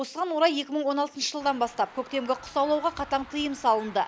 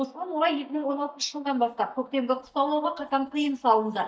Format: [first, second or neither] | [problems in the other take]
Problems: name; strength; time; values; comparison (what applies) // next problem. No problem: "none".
first | noise reduction (neural mask model DeepFilterNet 3)